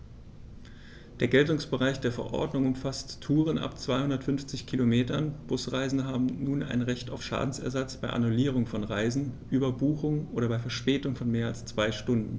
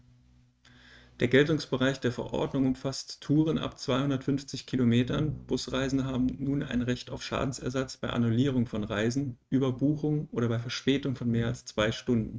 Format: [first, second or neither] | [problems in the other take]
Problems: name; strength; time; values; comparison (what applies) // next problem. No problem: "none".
first | noise reduction (neural mask model RNNoise)